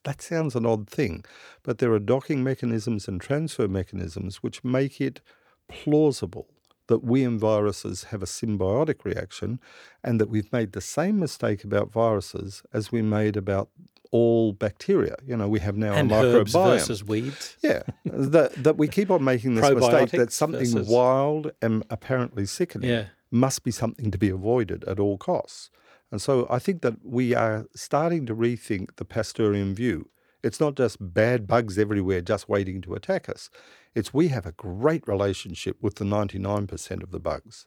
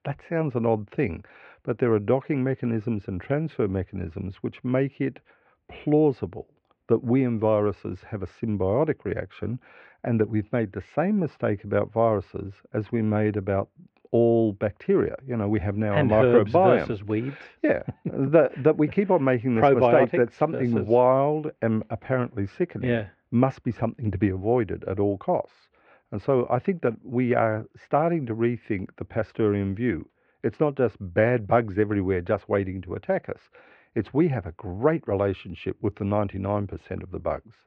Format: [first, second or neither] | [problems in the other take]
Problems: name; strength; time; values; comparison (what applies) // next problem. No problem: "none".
first | muffled; very; fading above 2.5 kHz